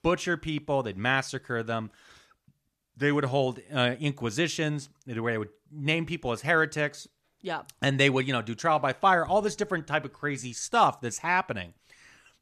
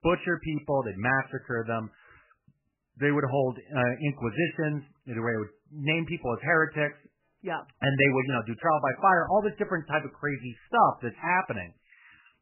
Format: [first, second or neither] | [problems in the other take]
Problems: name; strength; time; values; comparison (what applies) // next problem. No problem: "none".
first | garbled, watery; badly; nothing above 3 kHz